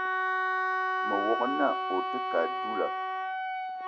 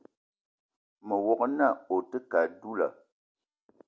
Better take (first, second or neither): second